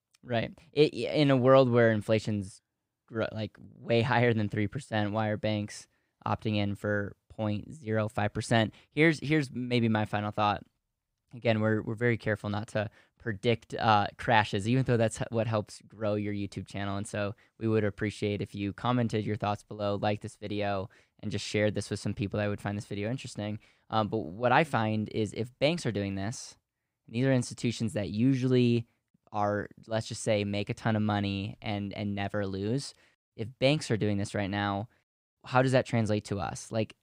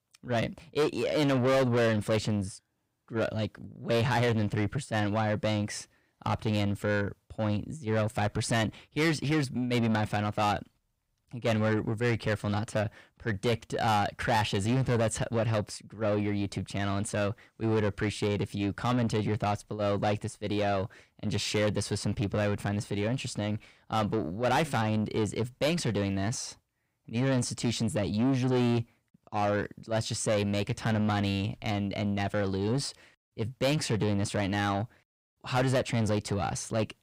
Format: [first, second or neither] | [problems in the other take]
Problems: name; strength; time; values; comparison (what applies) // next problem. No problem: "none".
first | distortion; heavy; 7 dB below the speech